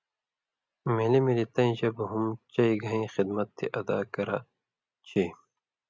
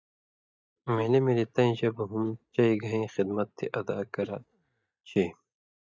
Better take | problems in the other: first | noise reduction (neural mask model DeepFilterNet 3)

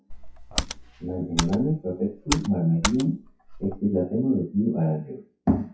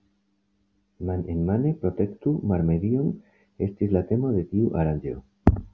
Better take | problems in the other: second | noise reduction (classical method WPE with log-MMSE)

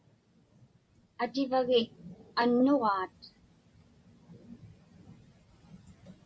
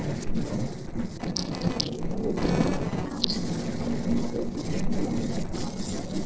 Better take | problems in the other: first | noise reduction (neural separator model SepFormer DNS4)

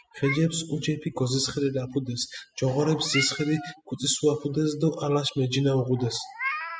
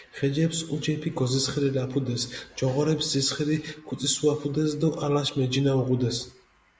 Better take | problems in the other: second | noise reduction (classical method spectral subtraction)

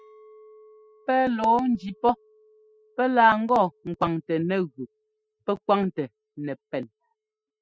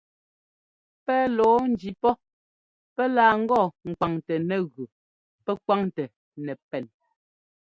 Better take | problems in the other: second | noise reduction (classical method spectral subtraction)

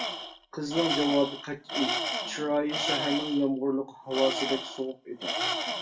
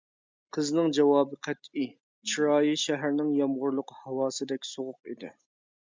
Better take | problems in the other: second | background sound (Tools); 3 dB below the speech // room echo; dies away in 0.2 s

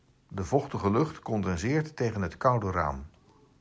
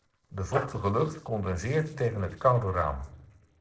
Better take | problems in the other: first | noise reduction (neural separator model SepFormer DNS4)

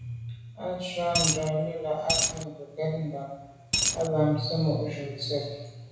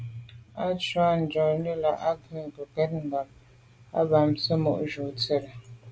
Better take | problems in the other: second | background sound (Coin (dropping)); 4 dB above the speech // room echo; dies away in 1 s

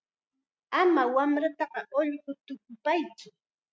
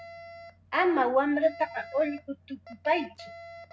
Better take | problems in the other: first | background sound (Alarm); 18 dB below the speech // room echo; dies away in 0.3 s

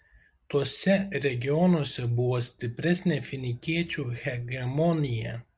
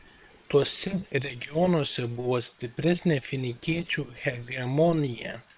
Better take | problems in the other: first | noise reduction (neural separator model SepFormer WHAM!)

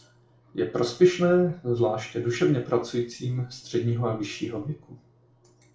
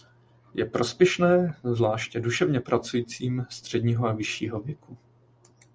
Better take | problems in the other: second | room echo; dies away in 0.4 s

